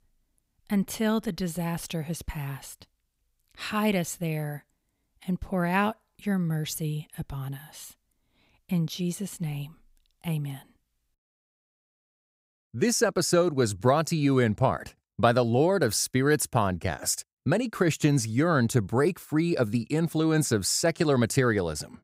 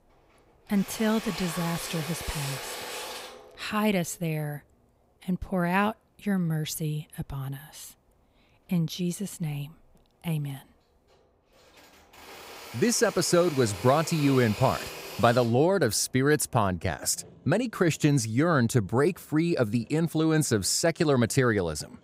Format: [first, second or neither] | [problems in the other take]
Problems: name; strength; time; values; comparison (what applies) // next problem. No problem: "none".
first | machinery noise; noticeable; throughout; 10 dB below the speech